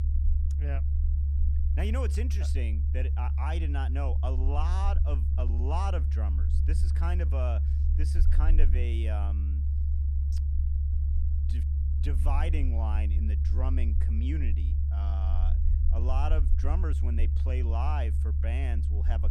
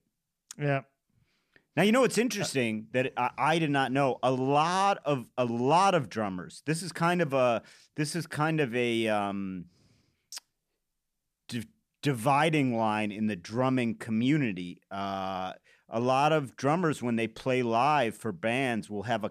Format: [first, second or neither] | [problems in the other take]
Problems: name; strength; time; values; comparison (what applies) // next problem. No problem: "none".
second | low rumble; loud; throughout; 6 dB below the speech